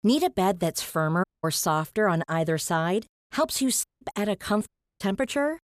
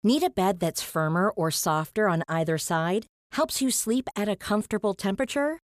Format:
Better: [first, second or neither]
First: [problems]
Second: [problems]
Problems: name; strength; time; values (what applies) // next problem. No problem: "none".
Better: second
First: audio cutting out; at 1 s, at 4 s and at 4.5 s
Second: none